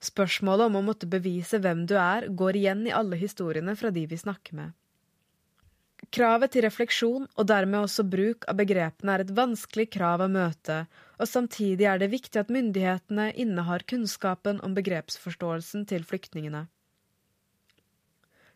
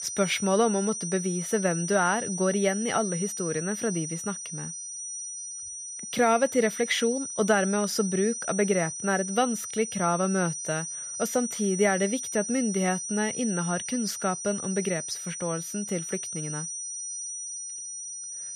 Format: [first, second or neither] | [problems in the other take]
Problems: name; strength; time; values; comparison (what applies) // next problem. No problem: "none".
first | high-pitched whine; loud; throughout; 6 kHz, 5 dB below the speech